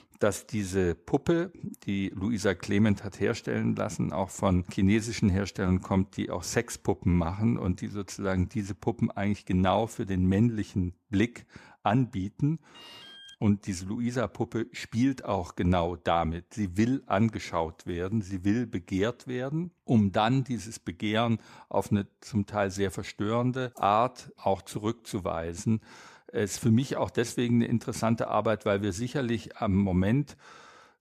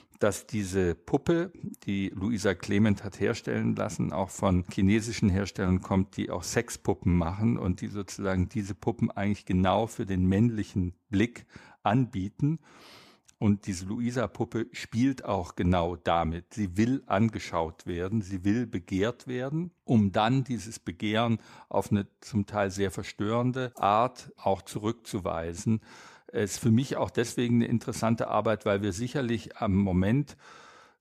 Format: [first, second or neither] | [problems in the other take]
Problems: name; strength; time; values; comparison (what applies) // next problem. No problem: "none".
second | alarm; faint; at 13 s; peak 15 dB below the speech